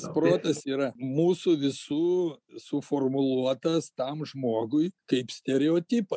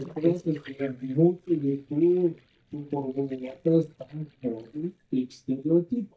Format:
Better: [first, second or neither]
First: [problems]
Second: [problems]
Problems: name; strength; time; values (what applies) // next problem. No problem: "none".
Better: first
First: none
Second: noise reduction (neural mask model DeepFilterNet 3)